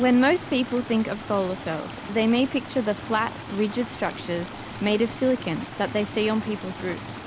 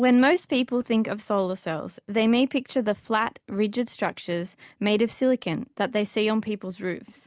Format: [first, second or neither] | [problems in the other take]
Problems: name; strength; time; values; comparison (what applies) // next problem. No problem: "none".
second | background sound (Stream); 12 dB below the speech